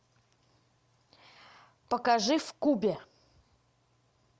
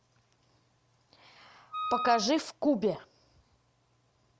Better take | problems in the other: first | background sound (Wind instrument, woodwind instrument); 3 dB below the speech

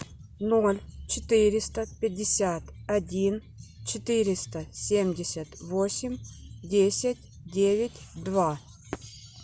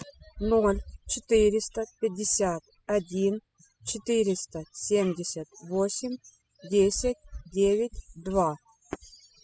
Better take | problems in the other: first | noise reduction (classical method spectral subtraction)

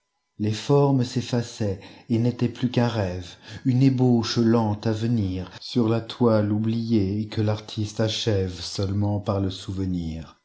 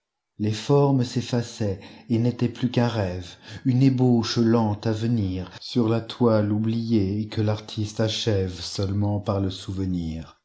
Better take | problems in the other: first | noise reduction (neural mask model Resemble Enhance denoiser)

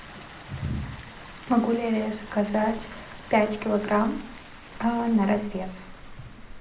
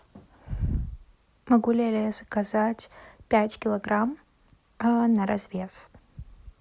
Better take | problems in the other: second | background sound (Water); 15 dB below the speech // room echo; dies away in 0.4 s

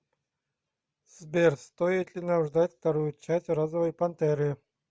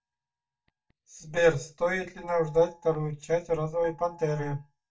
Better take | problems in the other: first | noise reduction (neural mask model DeepFilterNet 3)

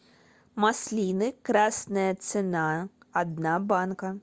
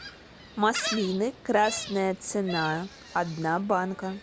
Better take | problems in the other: first | background sound (Gull, seagull); 11 dB below the speech

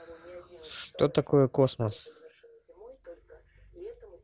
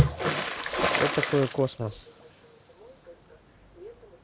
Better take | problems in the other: first | background sound (Water / Splash, splatter); 2 dB above the speech

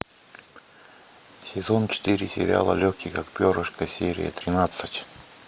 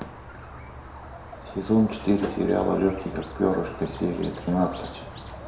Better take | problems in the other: first | background sound (Squeak); 12 dB below the speech // room echo; dies away in 0.6 s

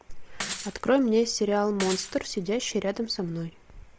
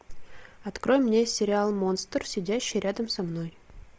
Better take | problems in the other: second | background sound (Shatter / Crushing); 12 dB below the speech

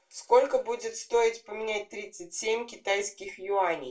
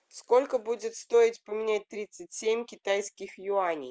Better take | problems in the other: second | room echo; dies away in 0.2 s

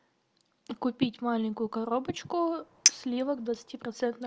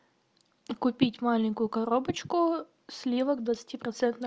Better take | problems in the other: second | background sound (Chink, clink); 1 dB below the speech

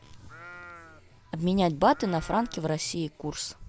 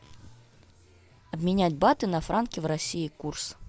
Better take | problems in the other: second | background sound (Livestock, farm animals, working animals); 19 dB below the speech

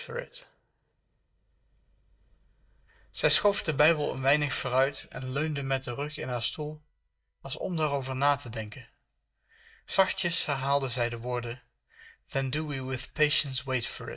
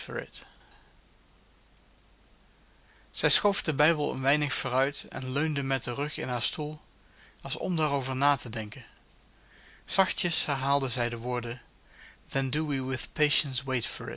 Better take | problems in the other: second | noise reduction (neural mask model DeepFilterNet 3)

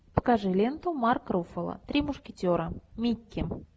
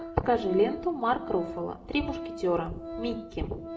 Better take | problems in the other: first | background sound (Organ); 10 dB below the speech // room echo; dies away in 0.9 s

